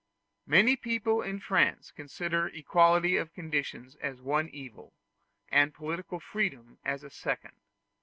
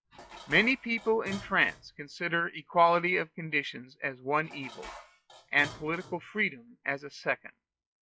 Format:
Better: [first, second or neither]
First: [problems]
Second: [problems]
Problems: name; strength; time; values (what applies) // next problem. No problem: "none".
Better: first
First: none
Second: noise reduction (classical method log-MMSE)